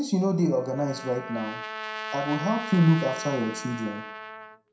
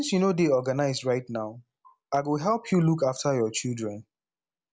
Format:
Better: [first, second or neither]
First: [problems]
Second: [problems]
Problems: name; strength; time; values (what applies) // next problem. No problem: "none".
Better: second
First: background sound (Trumpet); 10 dB below the speech // room echo; dies away in 0.5 s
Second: none